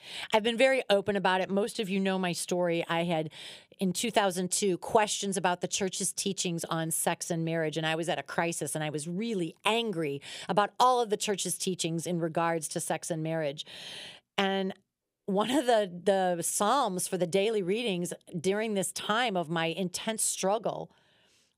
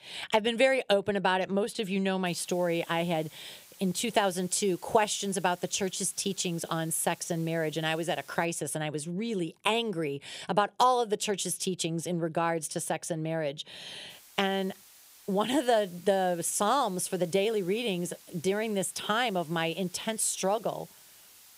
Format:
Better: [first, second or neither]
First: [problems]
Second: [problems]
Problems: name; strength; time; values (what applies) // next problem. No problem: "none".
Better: first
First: none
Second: hiss; faint; from 2.5 to 8.5 s and from 14 s on; 25 dB below the speech